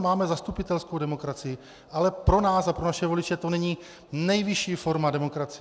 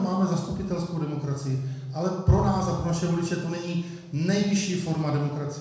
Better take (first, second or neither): first